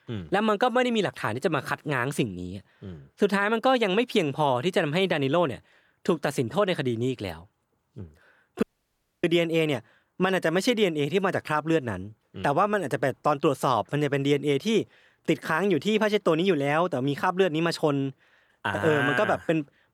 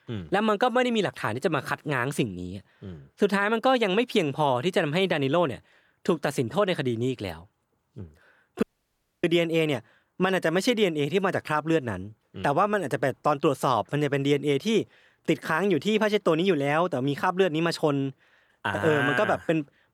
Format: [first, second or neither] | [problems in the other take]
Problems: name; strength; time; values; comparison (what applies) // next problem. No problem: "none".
neither | audio cutting out; at 8.5 s for 0.5 s; the same in both